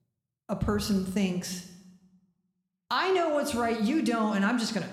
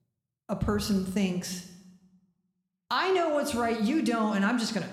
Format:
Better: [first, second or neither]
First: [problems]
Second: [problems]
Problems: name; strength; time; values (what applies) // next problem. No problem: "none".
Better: neither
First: room echo; slight; dies away in 0.8 s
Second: room echo; slight; dies away in 0.8 s